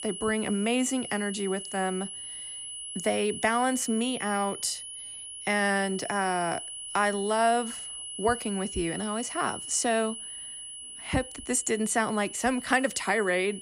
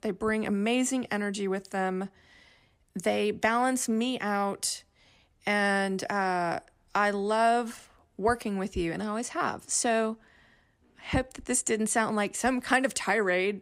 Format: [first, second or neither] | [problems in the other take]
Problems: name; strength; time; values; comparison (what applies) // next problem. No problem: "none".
second | high-pitched whine; loud; throughout; 10 kHz, 9 dB below the speech